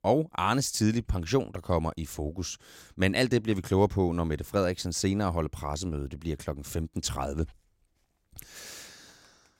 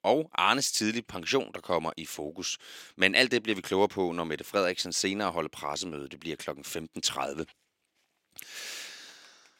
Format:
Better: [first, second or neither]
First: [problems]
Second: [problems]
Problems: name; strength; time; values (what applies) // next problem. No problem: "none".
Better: first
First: none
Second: thin; somewhat; fading below 300 Hz